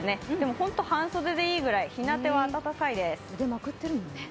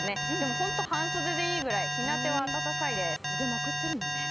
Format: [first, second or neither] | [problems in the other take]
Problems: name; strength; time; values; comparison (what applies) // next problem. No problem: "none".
first | background sound (Alarm); 1 dB above the speech